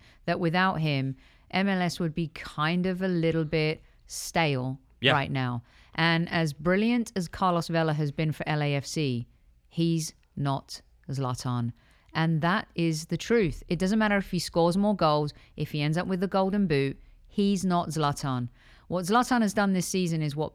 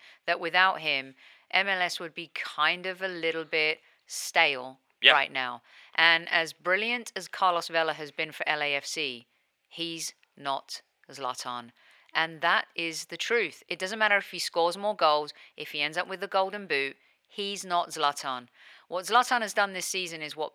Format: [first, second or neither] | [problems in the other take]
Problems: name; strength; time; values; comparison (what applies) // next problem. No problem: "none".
first | thin; very; fading below 650 Hz